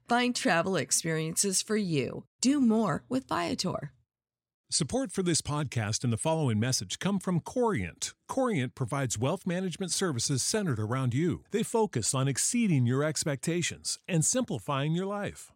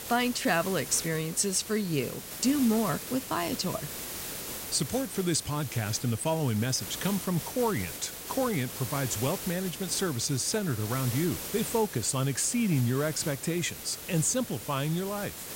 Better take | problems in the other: first | hiss; loud; throughout; 8 dB below the speech

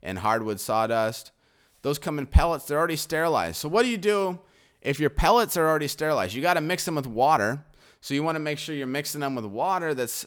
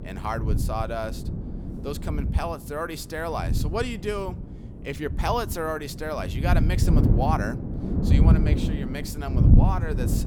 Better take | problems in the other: first | wind noise on the microphone; heavy; 5 dB below the speech

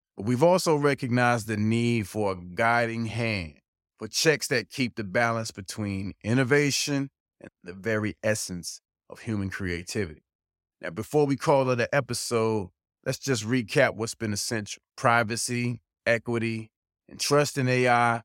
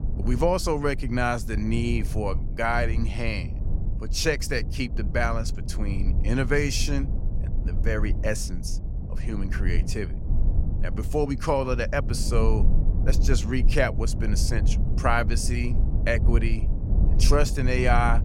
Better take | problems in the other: first | low rumble; noticeable; throughout; 15 dB below the speech

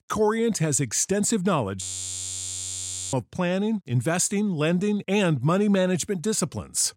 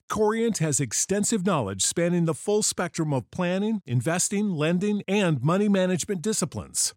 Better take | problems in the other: second | audio freezing; at 2 s for 1.5 s

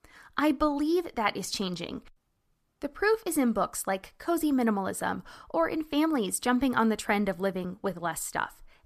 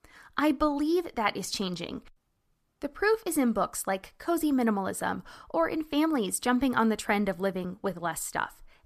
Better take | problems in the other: neither | none

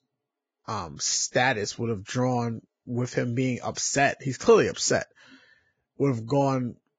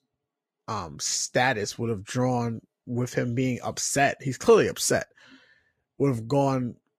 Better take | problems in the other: second | garbled, watery; badly; nothing above 7.5 kHz; slightly in the second

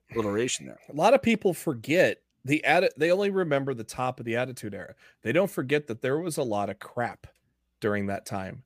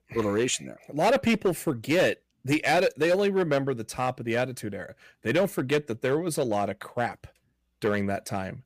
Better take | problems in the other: first | distortion; slight; 5% of the sound clipped

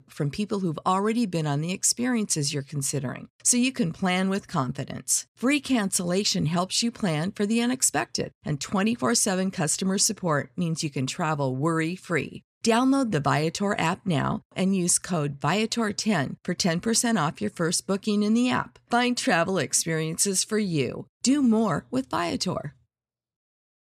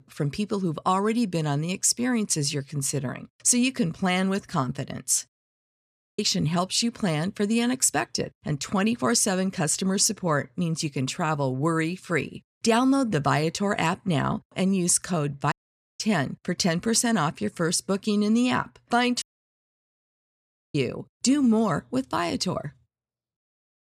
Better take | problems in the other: first | audio cutting out; at 5.5 s for 1 s, at 16 s and at 19 s for 1.5 s

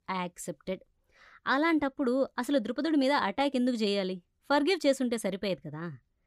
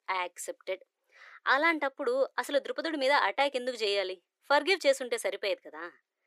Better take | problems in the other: first | thin; very; fading below 400 Hz

